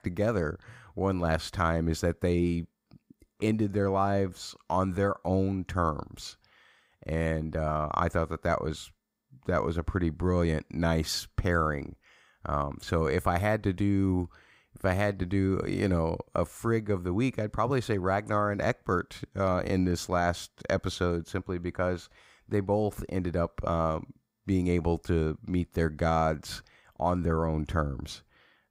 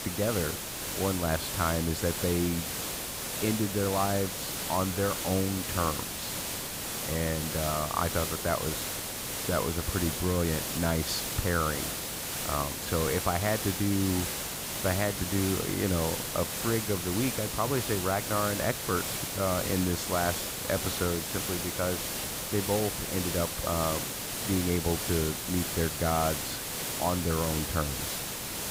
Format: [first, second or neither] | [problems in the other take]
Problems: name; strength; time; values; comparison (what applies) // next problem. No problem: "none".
first | hiss; loud; throughout; 1 dB below the speech